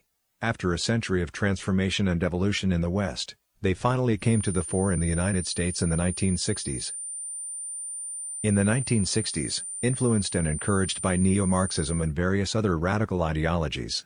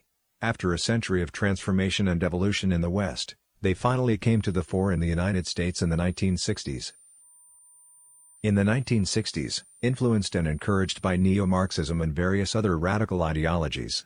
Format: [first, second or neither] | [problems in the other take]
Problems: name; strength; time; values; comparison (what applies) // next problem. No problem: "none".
second | high-pitched whine; loud; from 4.5 to 12 s; 9 kHz, 6 dB below the speech; faint in the second